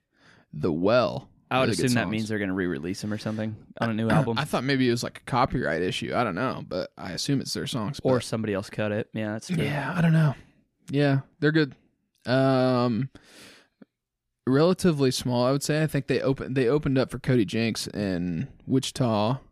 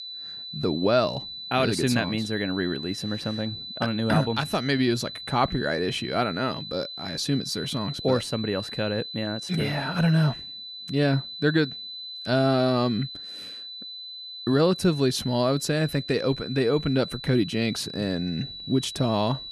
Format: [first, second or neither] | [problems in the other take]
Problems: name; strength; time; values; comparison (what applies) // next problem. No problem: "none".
first | high-pitched whine; loud; throughout; 4 kHz, 9 dB below the speech